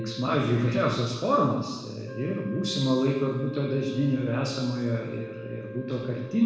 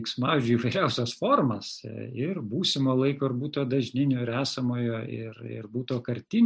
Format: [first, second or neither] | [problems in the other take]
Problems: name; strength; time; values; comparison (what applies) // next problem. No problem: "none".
second | background sound (Wind instrument, woodwind instrument); 16 dB below the speech // room echo; dies away in 1.1 s